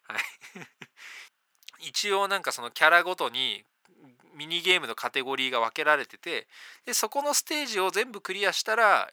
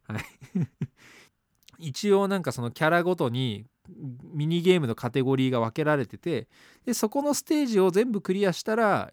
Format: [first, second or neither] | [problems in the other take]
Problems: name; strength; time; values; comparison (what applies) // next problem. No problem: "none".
second | thin; very; fading below 800 Hz